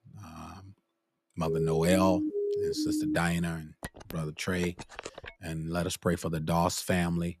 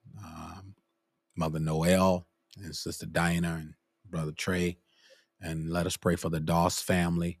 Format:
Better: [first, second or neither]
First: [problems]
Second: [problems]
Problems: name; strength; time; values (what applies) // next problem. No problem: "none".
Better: second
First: siren; loud; from 1.5 to 3 s; peak level with the speech // phone ringing; faint; from 4 to 5.5 s; peak 10 dB below the speech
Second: none